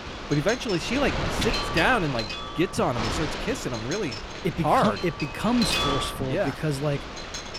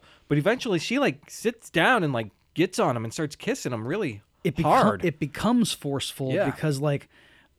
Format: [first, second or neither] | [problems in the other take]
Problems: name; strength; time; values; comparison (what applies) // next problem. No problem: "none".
second | wind noise on the microphone; heavy; 3 dB below the speech